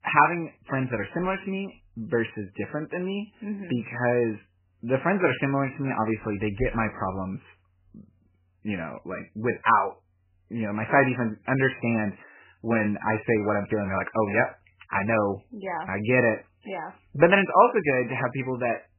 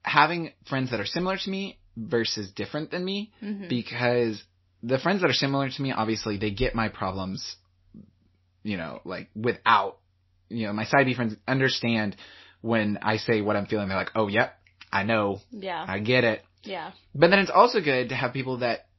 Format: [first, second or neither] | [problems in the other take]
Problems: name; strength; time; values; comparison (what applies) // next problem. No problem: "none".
second | garbled, watery; badly; nothing above 2.5 kHz; slightly in the second